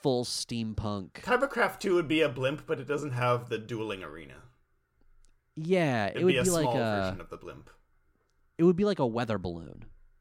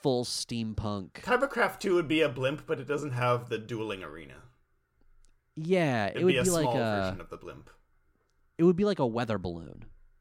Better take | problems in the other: neither | none

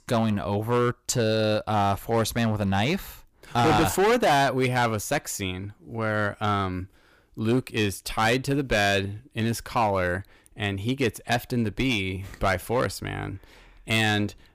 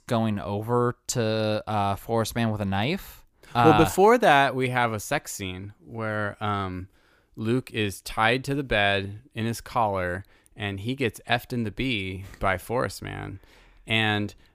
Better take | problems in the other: second | distortion; heavy; 7% of the sound clipped

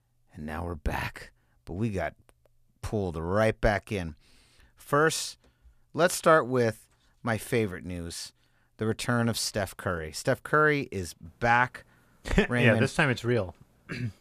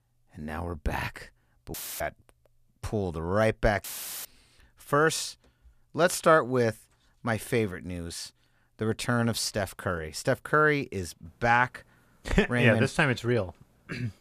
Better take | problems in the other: first | audio cutting out; filled with static; at 1.5 s and at 4 s

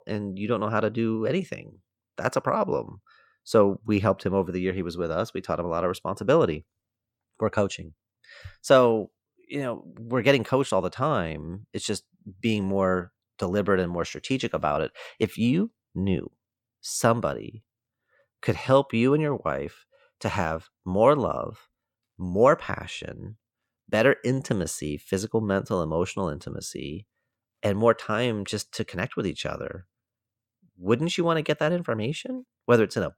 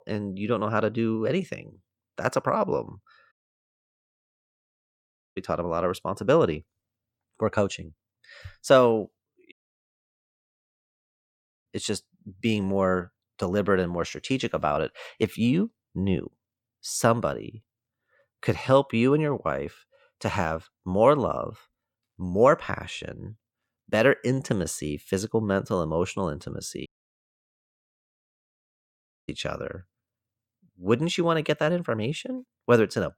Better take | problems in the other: first | audio cutting out; at 3.5 s for 2 s, at 9.5 s for 2 s and at 27 s for 2.5 s

